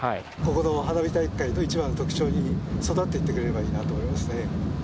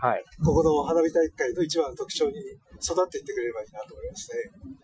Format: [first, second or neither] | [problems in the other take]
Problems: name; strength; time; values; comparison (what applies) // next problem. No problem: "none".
first | noise reduction (classical method Wiener filter)